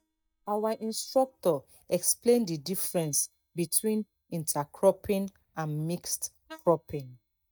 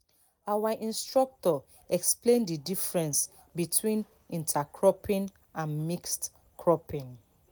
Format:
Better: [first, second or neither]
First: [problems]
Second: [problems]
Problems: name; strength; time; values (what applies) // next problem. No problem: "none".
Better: second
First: noise reduction (neural mask model DeepFilterNet 3)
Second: none